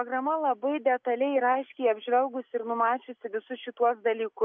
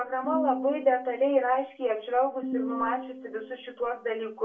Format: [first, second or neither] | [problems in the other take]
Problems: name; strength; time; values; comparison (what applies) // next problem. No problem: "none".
first | background sound (Piano); 8 dB below the speech // room echo; dies away in 0.3 s